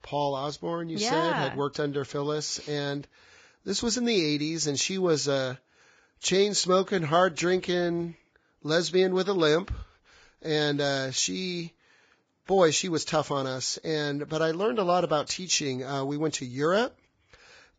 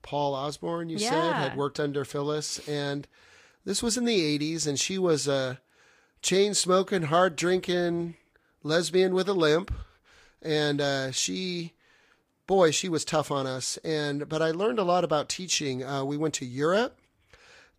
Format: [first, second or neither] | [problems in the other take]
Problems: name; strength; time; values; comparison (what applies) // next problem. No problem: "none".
second | garbled, watery; badly; nothing above 7.5 kHz; slightly in the second